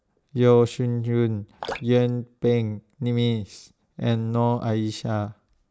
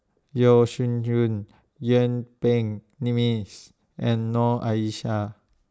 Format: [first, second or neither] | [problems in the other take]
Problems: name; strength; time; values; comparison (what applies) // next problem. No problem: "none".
second | background sound (Drip); 17 dB below the speech